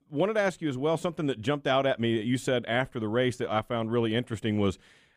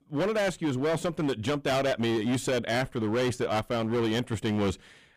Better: first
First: none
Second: distortion; heavy; 21% of the sound clipped

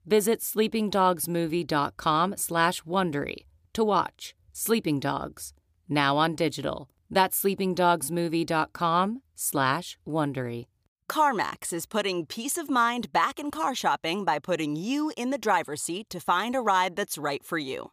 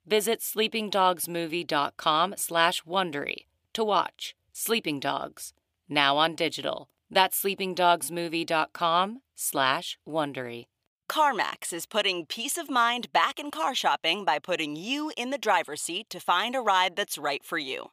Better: first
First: none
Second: thin; very slightly; fading below 700 Hz

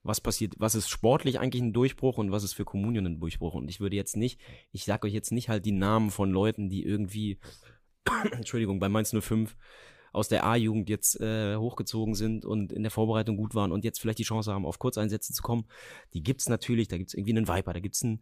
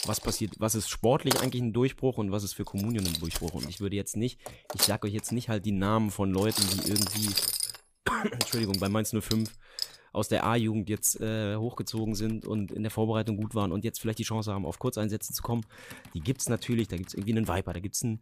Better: first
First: none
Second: household noises; loud; throughout; as loud as the speech

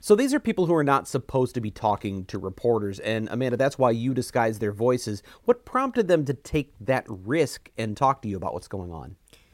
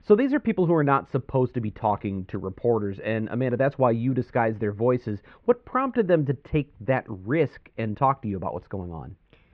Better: first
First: none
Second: muffled; very; fading above 3 kHz

